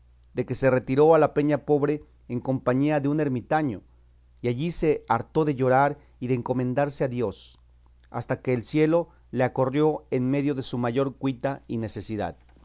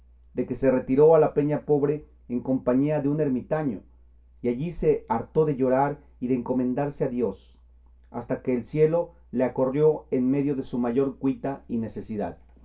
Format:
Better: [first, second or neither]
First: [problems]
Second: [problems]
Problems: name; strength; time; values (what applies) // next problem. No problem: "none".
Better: first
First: none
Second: room echo; dies away in 0.2 s